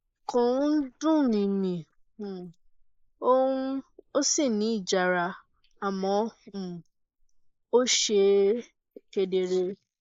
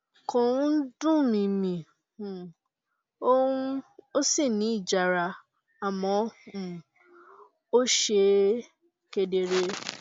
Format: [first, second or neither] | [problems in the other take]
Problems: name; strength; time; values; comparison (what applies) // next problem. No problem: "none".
second | noise reduction (neural mask model Resemble Enhance denoiser)